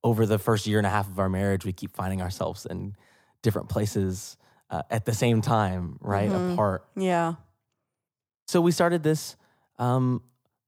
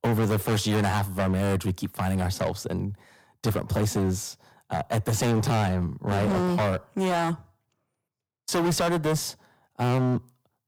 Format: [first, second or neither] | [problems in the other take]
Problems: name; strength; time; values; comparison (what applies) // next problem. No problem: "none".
first | distortion; heavy; 19% of the sound clipped